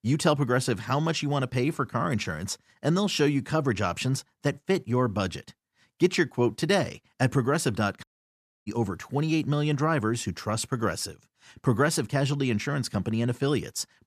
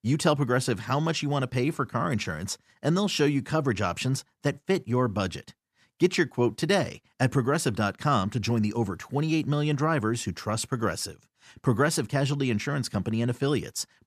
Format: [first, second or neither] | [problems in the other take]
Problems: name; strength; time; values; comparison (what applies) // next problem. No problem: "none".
second | audio cutting out; at 8 s for 0.5 s